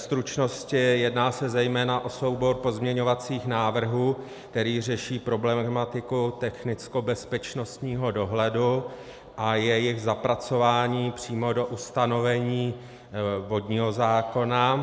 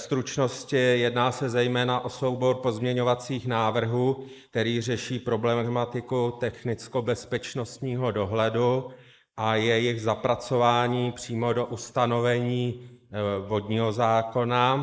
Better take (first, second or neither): first